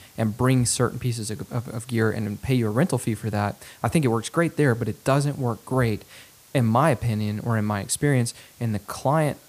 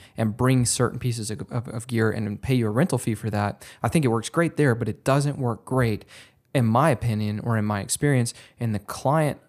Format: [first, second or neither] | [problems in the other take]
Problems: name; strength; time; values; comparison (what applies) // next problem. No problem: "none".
second | hiss; faint; throughout; 25 dB below the speech